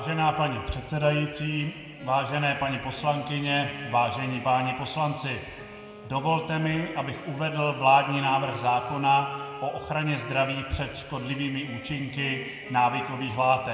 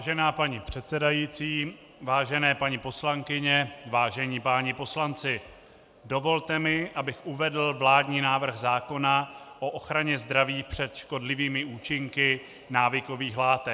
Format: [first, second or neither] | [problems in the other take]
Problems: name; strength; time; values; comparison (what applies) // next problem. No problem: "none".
second | background sound (Wind instrument, woodwind instrument); 18 dB below the speech // room echo; dies away in 2.1 s